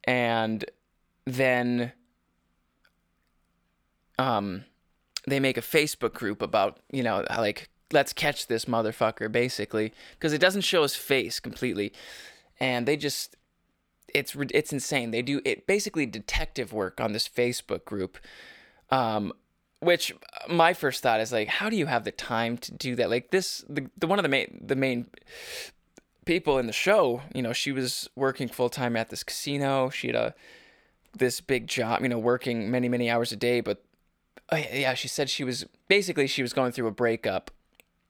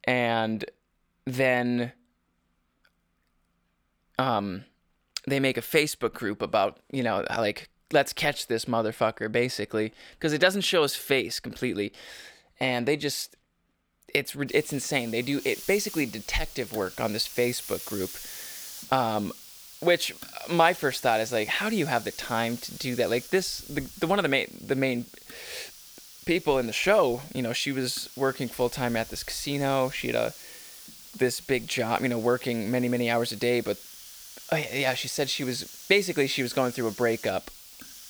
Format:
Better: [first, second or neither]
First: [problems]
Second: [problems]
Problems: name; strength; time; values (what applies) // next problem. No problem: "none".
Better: first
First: none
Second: hiss; noticeable; from 14 s on; 15 dB below the speech